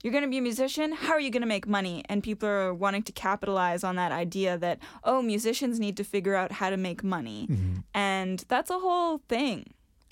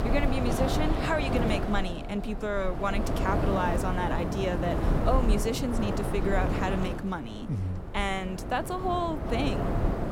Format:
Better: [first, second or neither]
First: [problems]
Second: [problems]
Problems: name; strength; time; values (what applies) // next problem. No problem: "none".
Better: first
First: none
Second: wind noise on the microphone; heavy; 3 dB below the speech